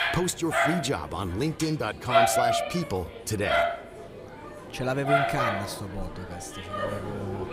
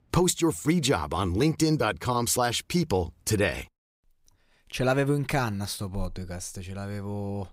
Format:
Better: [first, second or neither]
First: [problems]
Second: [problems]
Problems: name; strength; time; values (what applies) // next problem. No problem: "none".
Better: second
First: animal sounds; very loud; throughout; 4 dB above the speech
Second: none